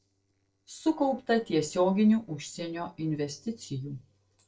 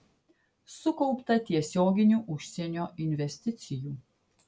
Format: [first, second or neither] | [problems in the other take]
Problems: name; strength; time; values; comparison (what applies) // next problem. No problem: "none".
second | noise reduction (neural separator model SepFormer DNS4)